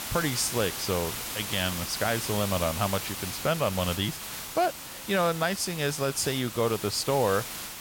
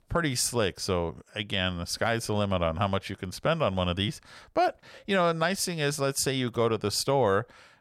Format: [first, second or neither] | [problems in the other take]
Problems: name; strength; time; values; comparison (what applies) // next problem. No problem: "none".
second | hiss; loud; throughout; 6 dB below the speech